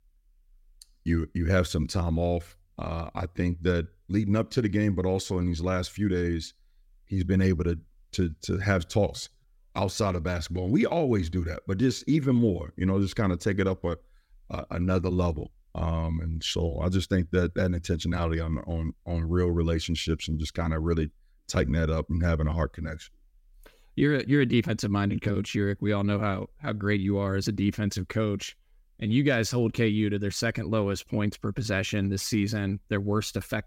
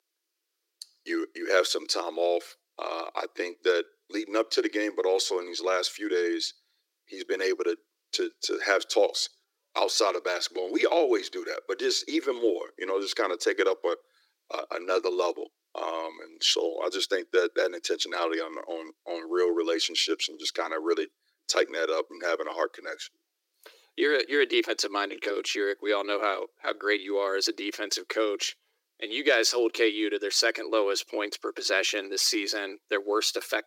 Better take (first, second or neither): first